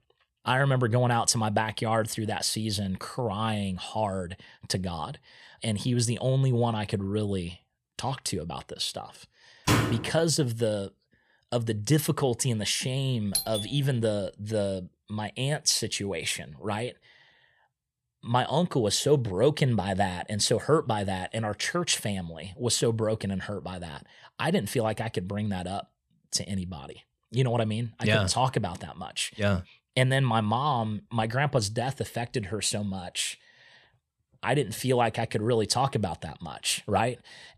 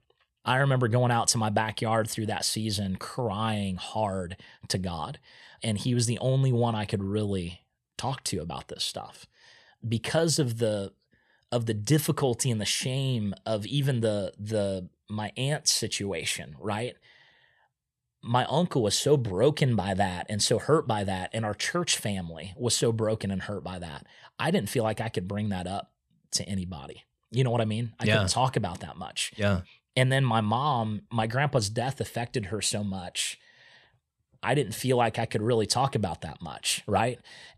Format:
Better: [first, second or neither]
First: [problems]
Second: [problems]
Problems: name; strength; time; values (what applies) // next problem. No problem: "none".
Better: second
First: door banging; loud; at 9.5 s; peak 3 dB above the speech // doorbell; noticeable; at 13 s; peak 1 dB below the speech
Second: none